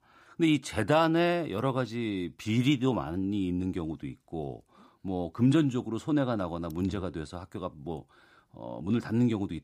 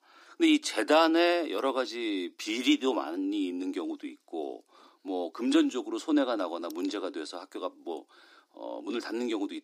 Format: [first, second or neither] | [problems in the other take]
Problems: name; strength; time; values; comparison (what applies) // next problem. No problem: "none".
first | thin; very slightly; fading below 300 Hz